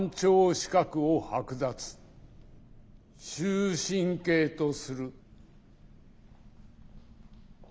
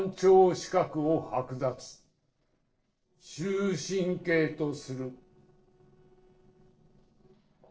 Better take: first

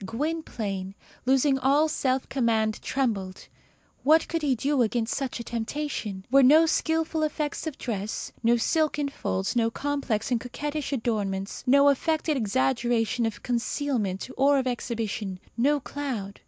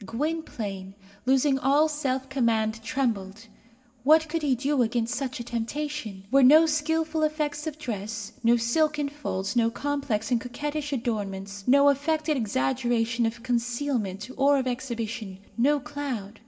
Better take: first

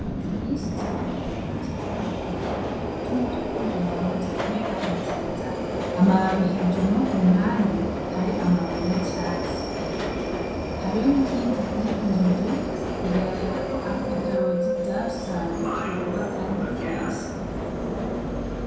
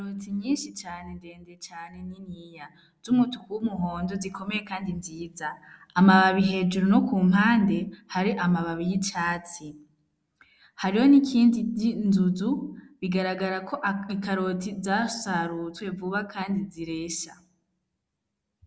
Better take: second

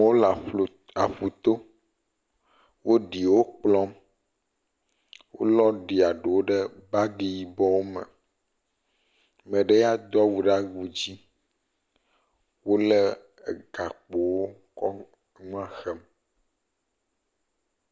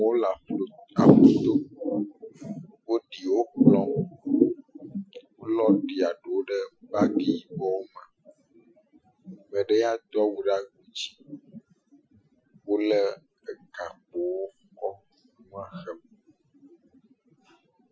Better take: first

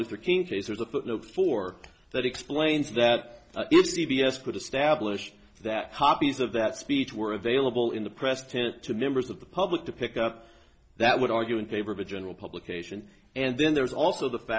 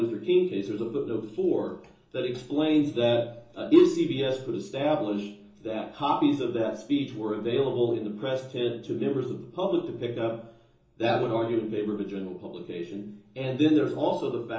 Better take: first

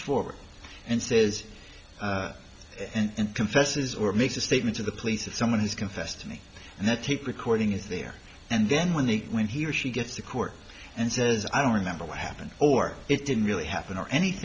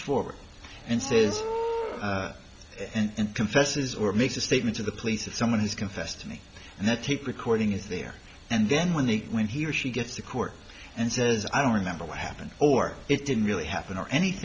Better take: first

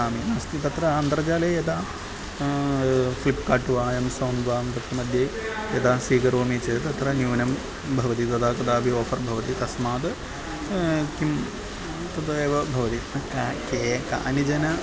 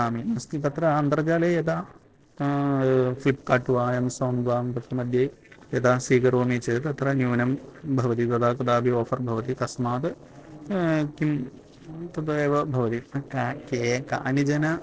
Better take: first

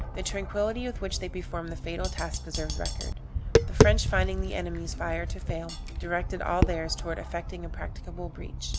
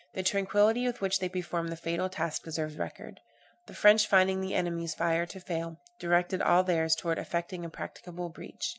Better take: second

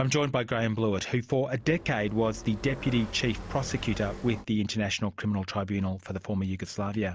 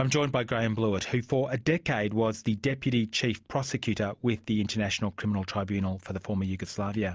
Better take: second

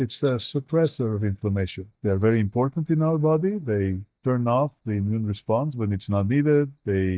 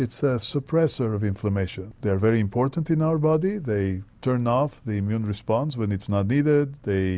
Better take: second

